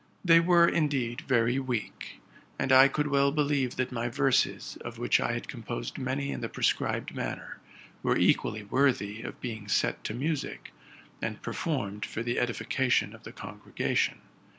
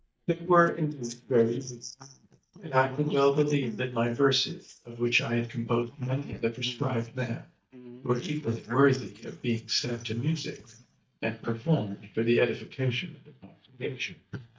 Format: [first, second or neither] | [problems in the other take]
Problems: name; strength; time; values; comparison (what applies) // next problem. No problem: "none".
first | noise reduction (neural mask model DeepFilterNet 3)